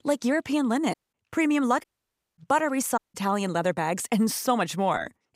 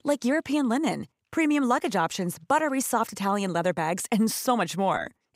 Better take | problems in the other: second | audio cutting out; at 1 s, at 2 s for 0.5 s and at 3 s

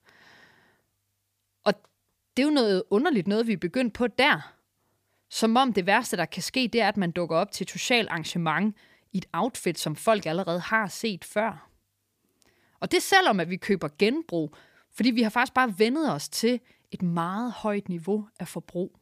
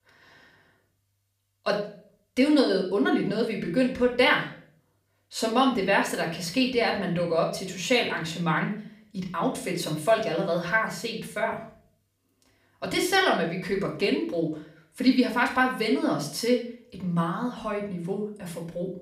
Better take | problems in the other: first | off-mic speech; far // room echo; slight; dies away in 0.4 s

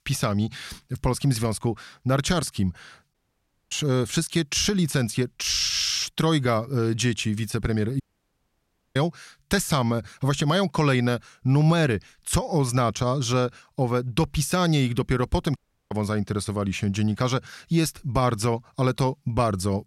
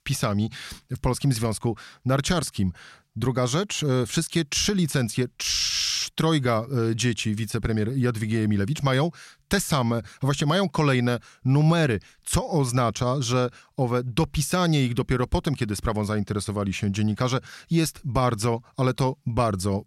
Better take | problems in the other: second | audio cutting out; at 3 s for 0.5 s, at 8 s for 1 s and at 16 s

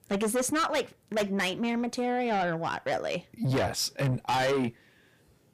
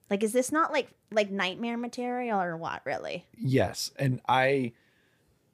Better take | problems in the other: second | distortion; heavy; 6 dB below the speech

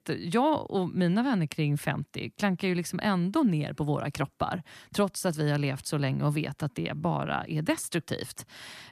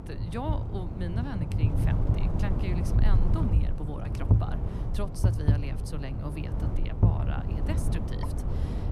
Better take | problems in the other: first | wind noise on the microphone; heavy; 1 dB above the speech

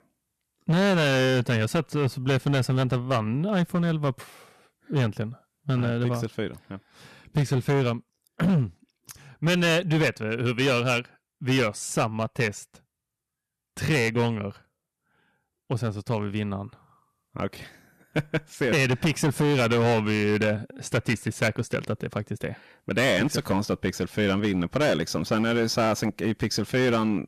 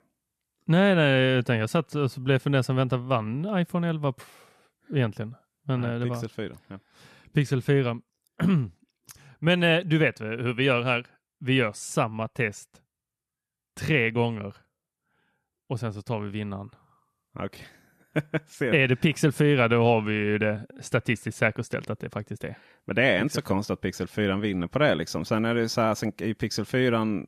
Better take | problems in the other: second | distortion; heavy; 9% of the sound clipped

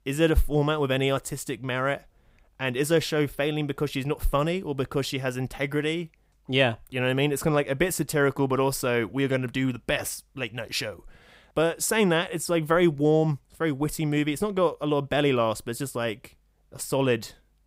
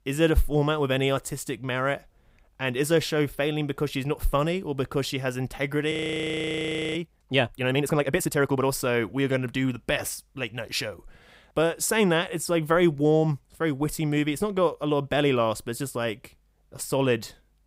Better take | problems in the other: first | audio freezing; at 6 s for 1 s

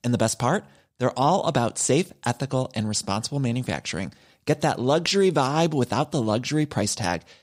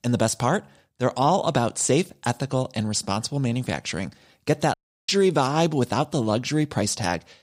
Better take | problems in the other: first | audio cutting out; at 4.5 s

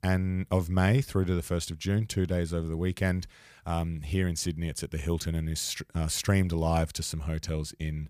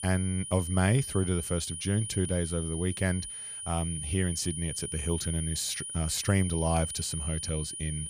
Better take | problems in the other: first | high-pitched whine; loud; throughout; 9.5 kHz, 5 dB below the speech

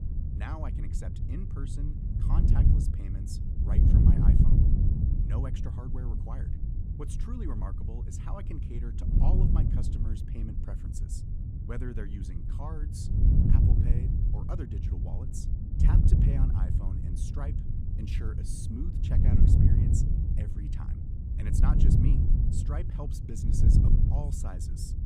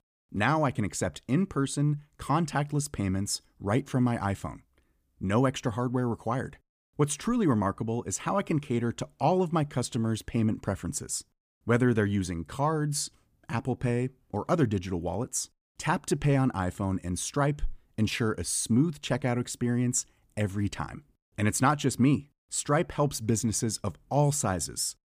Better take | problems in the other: second | wind noise on the microphone; heavy; 4 dB above the speech

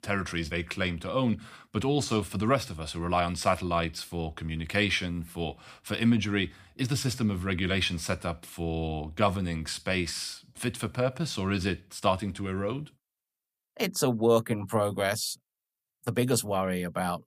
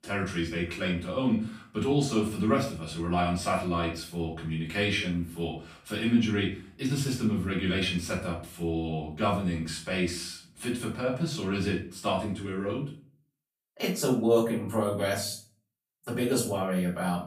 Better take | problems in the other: first | off-mic speech; far // room echo; slight; dies away in 0.4 s

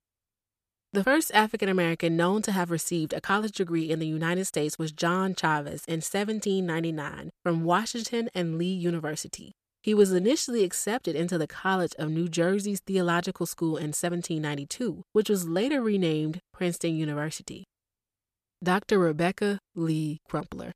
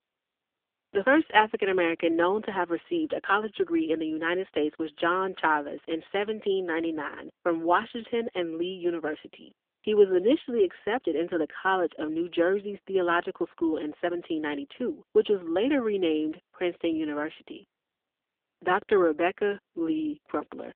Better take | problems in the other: first | phone-call audio; nothing above 3 kHz

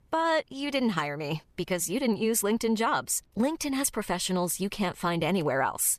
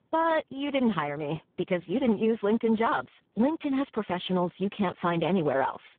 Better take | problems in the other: first | phone-call audio; poor line

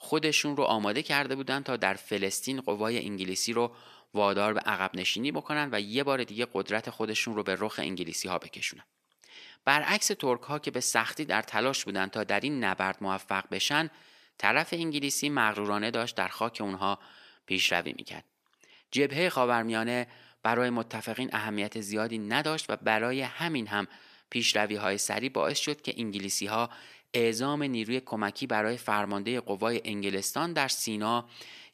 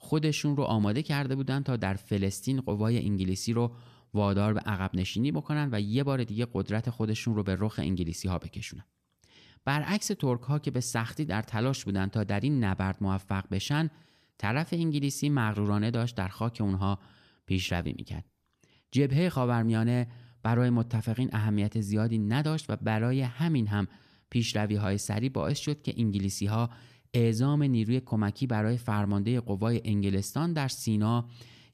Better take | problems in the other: second | thin; somewhat; fading below 450 Hz

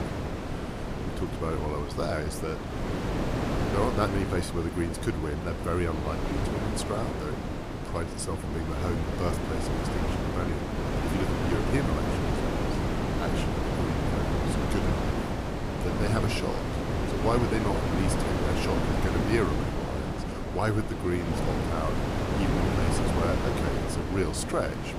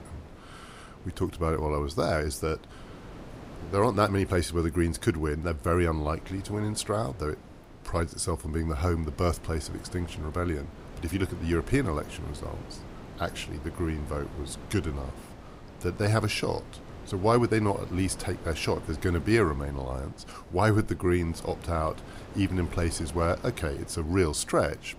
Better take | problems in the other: second | wind noise on the microphone; heavy; 1 dB above the speech; occasional gusts in the second

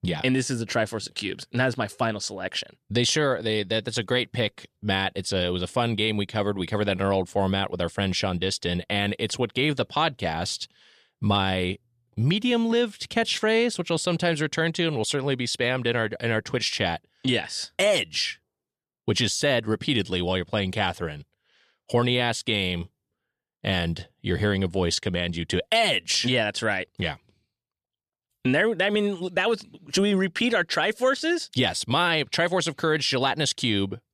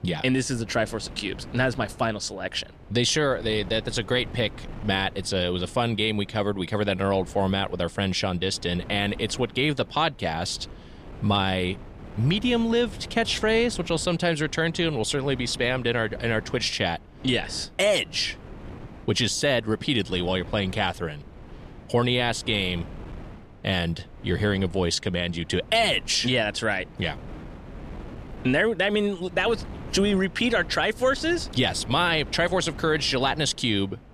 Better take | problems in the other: first | wind noise on the microphone; occasional gusts; 20 dB below the speech

